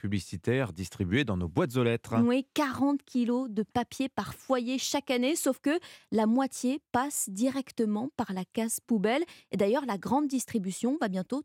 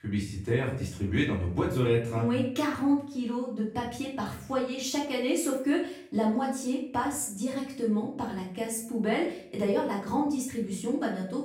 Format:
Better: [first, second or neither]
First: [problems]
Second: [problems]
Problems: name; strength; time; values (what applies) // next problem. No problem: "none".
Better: first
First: none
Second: off-mic speech; far // room echo; noticeable; dies away in 0.6 s